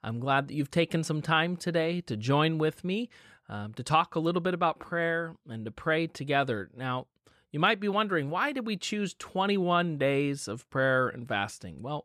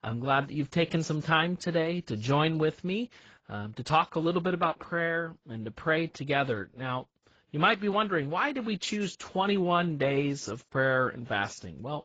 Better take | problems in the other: first | garbled, watery; badly; nothing above 7.5 kHz

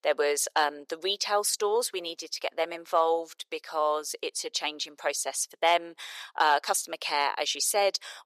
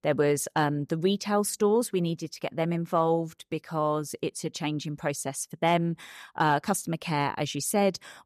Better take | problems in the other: second | thin; very; fading below 450 Hz

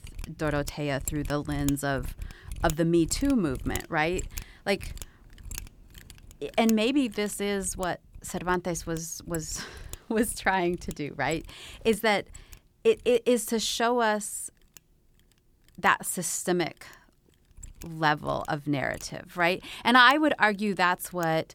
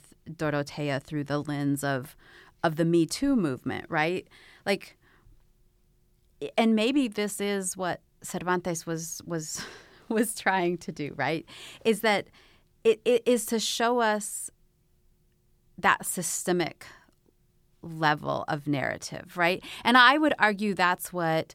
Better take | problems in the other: second | machinery noise; noticeable; throughout; 15 dB below the speech

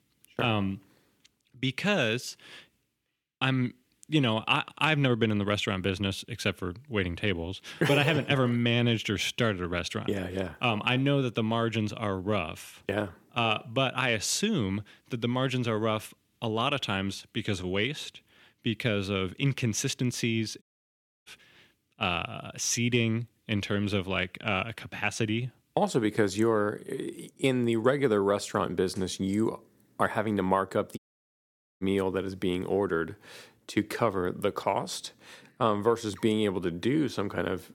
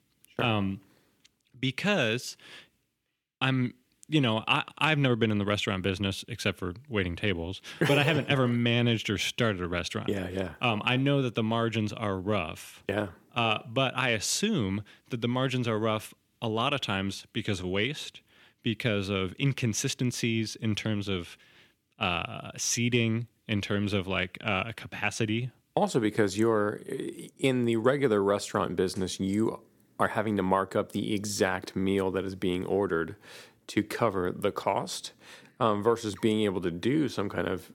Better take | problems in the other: second | audio cutting out; at 21 s for 0.5 s and at 31 s for 1 s

